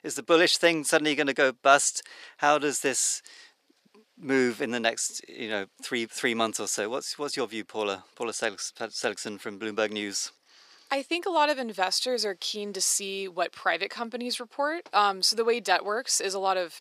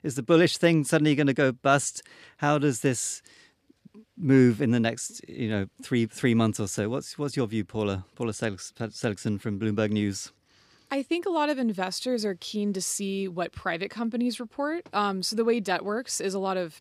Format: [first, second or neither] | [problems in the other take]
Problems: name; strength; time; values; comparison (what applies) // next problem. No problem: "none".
second | thin; somewhat; fading below 500 Hz